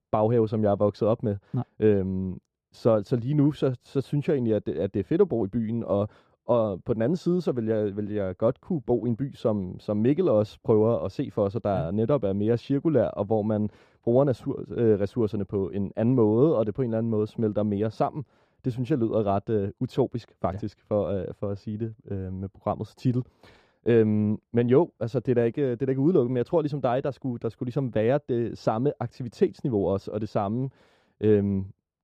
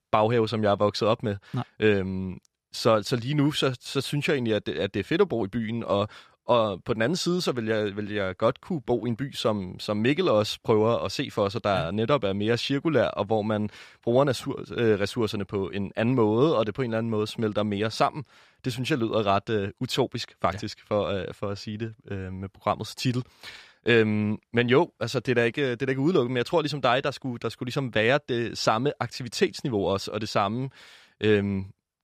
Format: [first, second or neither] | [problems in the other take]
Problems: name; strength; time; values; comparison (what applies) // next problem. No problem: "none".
second | muffled; very; fading above 1 kHz